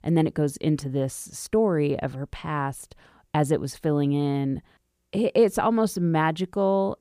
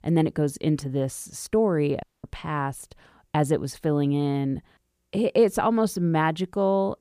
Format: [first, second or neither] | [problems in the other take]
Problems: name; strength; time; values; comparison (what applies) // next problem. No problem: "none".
first | audio cutting out; at 2 s